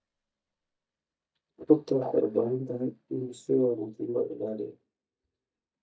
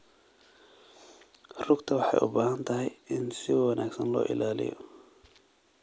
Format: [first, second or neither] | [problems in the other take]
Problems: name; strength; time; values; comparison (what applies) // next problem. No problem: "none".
second | noise reduction (neural mask model DeepFilterNet 3)